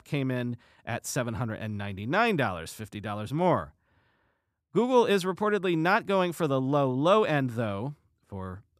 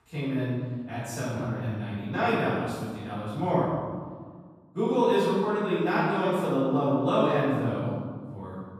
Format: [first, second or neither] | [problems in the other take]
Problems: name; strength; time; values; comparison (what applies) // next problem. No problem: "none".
first | room echo; strong; dies away in 1.6 s // off-mic speech; far